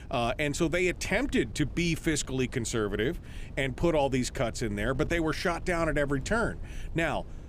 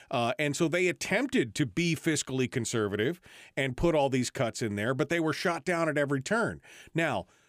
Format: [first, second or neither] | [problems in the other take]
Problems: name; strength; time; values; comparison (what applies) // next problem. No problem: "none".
second | wind noise on the microphone; occasional gusts; 25 dB below the speech